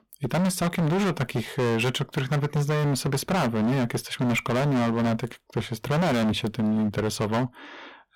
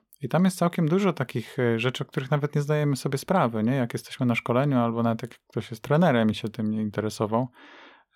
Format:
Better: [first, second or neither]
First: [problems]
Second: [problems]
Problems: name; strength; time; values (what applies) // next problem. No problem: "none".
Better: second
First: distortion; heavy; 26% of the sound clipped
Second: none